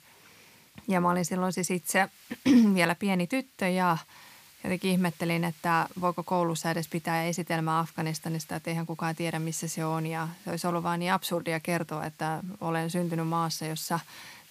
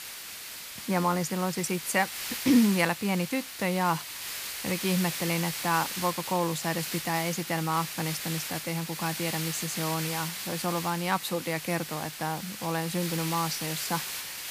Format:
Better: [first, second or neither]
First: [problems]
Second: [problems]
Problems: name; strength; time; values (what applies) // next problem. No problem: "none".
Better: first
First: hiss; faint; throughout; 25 dB below the speech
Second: hiss; loud; throughout; 5 dB below the speech